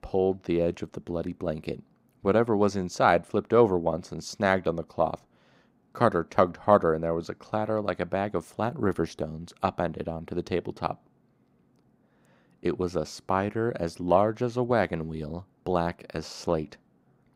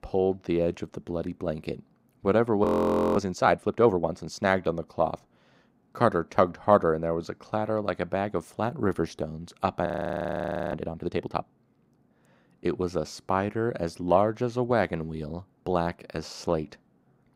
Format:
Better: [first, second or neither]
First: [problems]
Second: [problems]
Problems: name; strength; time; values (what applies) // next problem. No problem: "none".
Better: first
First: none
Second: audio freezing; at 2.5 s for 0.5 s and at 10 s for 1 s